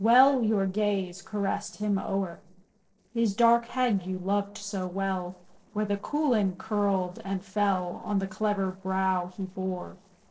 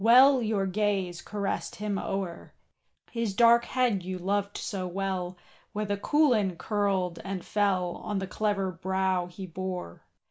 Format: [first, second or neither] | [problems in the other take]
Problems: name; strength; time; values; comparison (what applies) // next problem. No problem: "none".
second | noise reduction (neural separator model SepFormer DNS4)